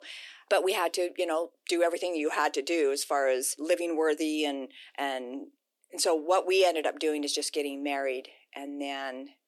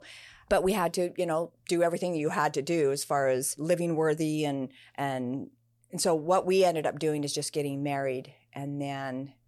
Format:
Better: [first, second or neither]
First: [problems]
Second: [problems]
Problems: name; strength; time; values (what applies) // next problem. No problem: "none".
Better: second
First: thin; very slightly; fading below 300 Hz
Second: none